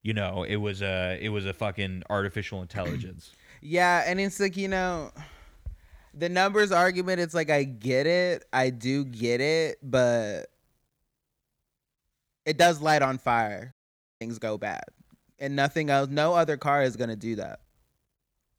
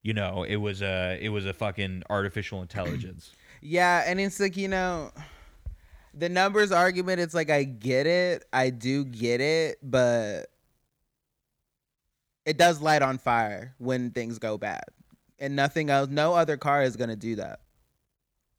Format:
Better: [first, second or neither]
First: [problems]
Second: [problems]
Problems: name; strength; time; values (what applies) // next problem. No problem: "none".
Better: second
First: audio cutting out; at 14 s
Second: none